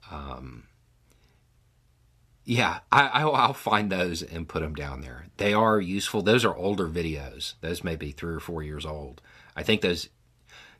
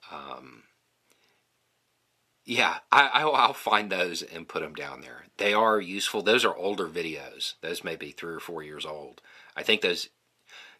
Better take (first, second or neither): first